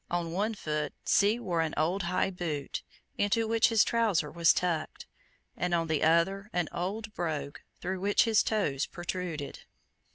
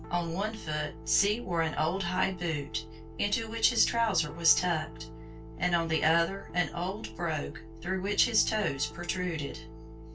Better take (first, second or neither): first